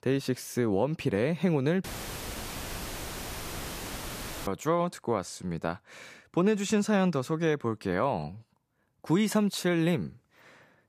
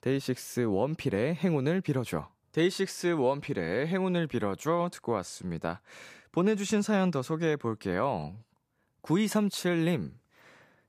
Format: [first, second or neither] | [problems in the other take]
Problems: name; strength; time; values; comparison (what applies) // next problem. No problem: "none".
second | audio cutting out; filled with static; at 2 s for 2.5 s